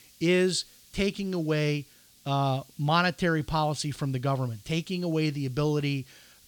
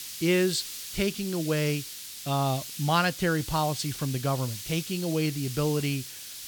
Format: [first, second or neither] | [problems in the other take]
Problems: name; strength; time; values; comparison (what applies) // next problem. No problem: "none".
first | hiss; loud; throughout; 9 dB below the speech; faint in the first